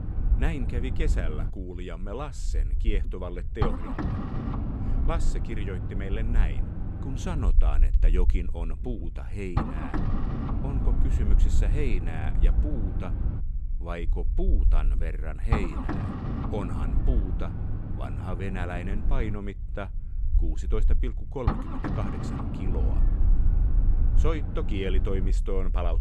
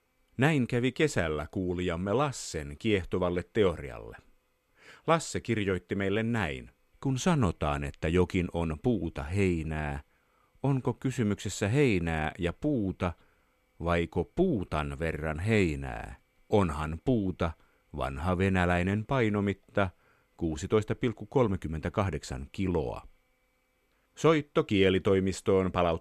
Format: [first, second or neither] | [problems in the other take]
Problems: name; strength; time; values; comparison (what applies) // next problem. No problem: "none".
second | low rumble; loud; throughout; 3 dB below the speech